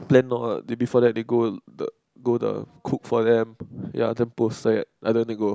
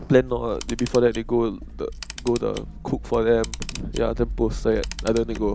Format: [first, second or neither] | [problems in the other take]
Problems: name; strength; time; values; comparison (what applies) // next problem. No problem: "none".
first | background sound (Camera); 9 dB below the speech